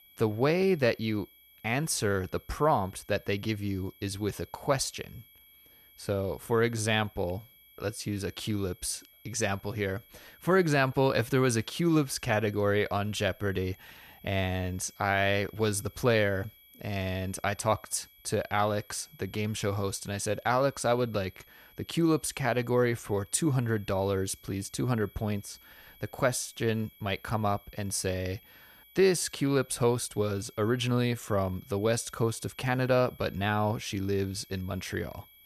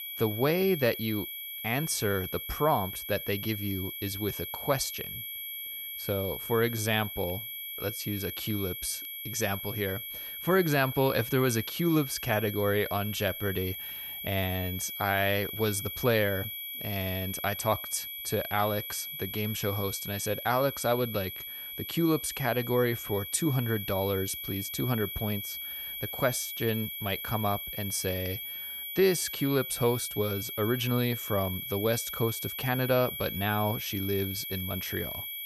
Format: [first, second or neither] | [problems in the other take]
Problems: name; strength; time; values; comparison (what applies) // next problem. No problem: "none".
first | high-pitched whine; loud; throughout; 11.5 kHz, 6 dB below the speech; faint in the first